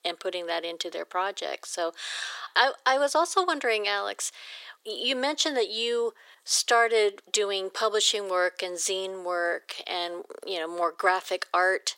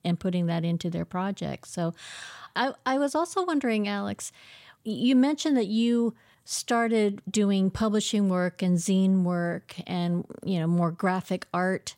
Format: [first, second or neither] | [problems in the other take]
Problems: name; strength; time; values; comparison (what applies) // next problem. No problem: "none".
second | thin; very; fading below 400 Hz